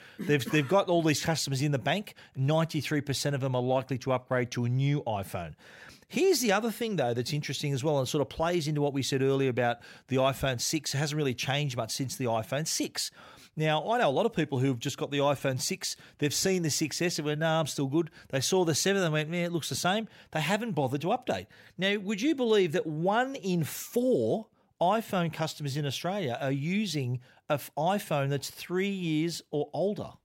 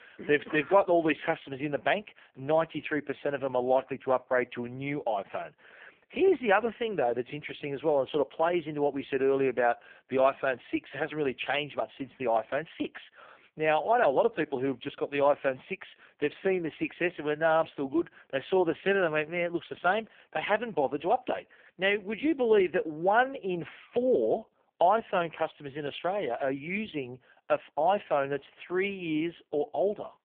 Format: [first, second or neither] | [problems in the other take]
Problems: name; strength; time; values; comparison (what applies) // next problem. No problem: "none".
first | phone-call audio; poor line